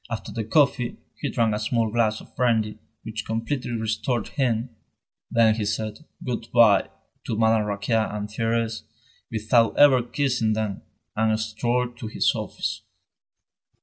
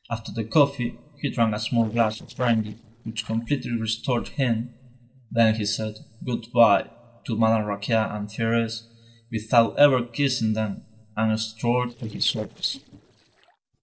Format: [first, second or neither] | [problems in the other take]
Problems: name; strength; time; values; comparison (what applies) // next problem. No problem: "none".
first | noise reduction (neural separator model SepFormer DNS4)